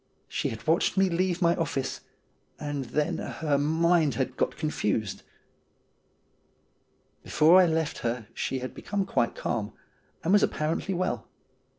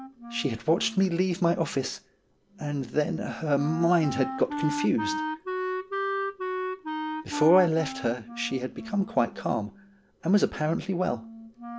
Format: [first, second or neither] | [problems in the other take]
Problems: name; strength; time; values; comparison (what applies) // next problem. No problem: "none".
first | background sound (Wind instrument, woodwind instrument); 8 dB below the speech